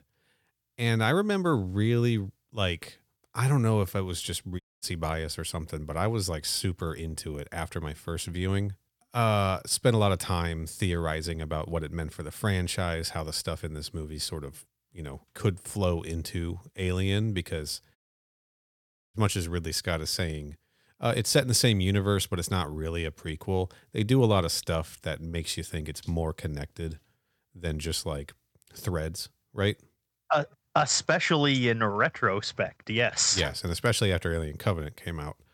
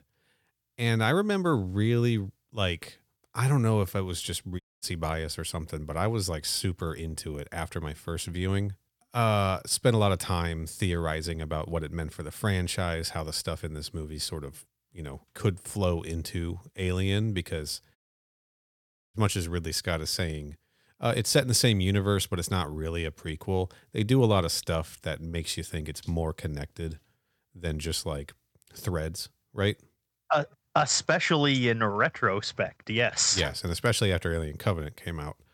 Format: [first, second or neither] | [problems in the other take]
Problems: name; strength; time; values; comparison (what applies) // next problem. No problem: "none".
neither | audio cutting out; at 4.5 s and at 18 s for 1 s; the same in both